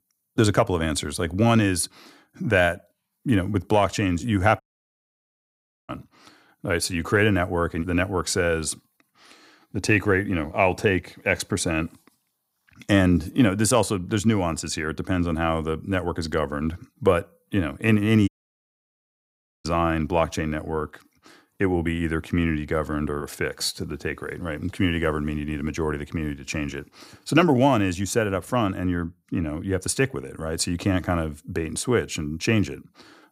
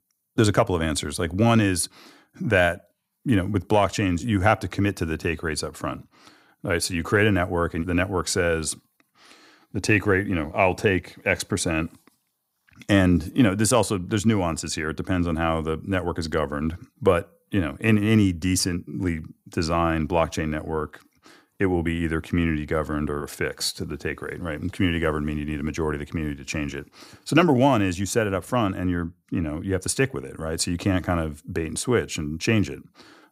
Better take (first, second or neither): second